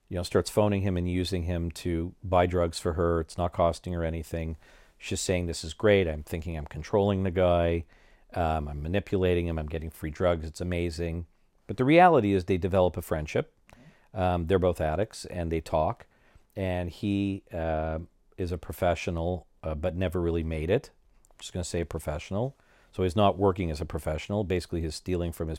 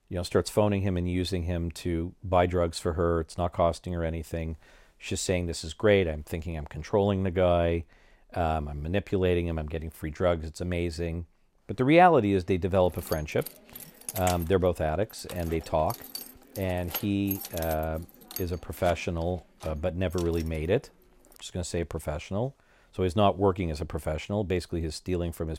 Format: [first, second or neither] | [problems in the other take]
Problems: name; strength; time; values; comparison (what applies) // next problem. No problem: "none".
first | jangling keys; noticeable; from 13 to 20 s; peak 5 dB below the speech